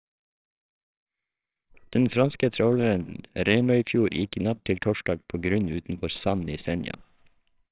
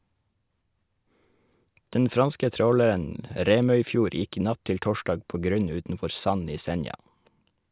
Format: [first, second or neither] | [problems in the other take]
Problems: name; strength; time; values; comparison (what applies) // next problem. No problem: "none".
second | noise reduction (neural separator model SepFormer WHAMR!)